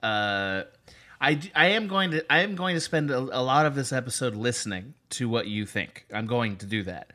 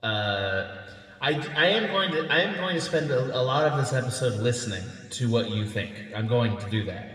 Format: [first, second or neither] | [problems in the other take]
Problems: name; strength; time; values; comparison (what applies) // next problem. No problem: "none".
first | room echo; slight; dies away in 1.8 s